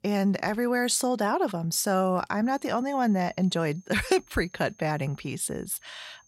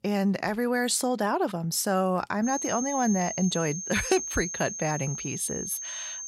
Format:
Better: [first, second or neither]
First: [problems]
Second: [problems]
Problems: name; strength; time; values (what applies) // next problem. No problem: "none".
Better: first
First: high-pitched whine; faint; from 2.5 s on; 6.5 kHz, 30 dB below the speech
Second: high-pitched whine; loud; from 2.5 s on; 6.5 kHz, 5 dB below the speech